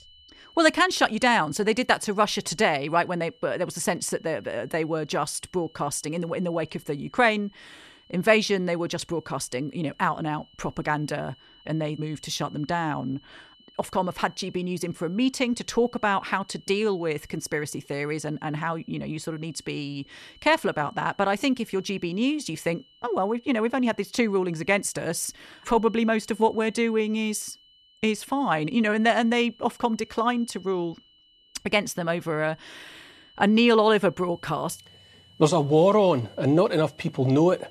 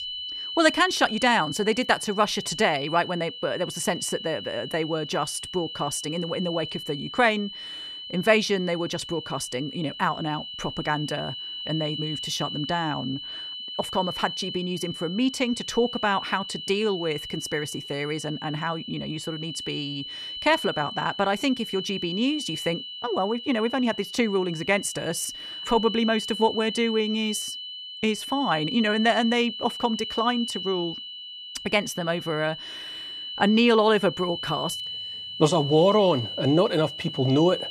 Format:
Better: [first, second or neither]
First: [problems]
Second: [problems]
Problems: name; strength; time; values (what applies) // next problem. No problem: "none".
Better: first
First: high-pitched whine; faint; throughout; 3 kHz, 30 dB below the speech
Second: high-pitched whine; loud; throughout; 3 kHz, 8 dB below the speech